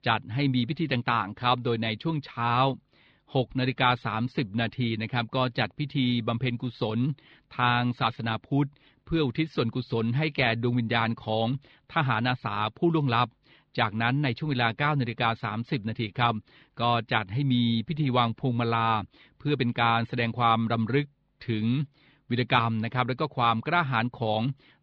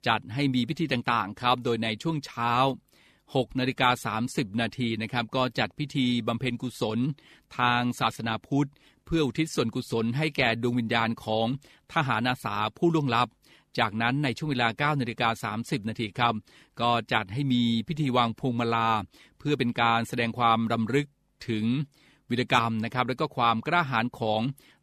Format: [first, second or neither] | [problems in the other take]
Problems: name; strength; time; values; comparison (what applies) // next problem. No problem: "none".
second | muffled; very slightly; fading above 4 kHz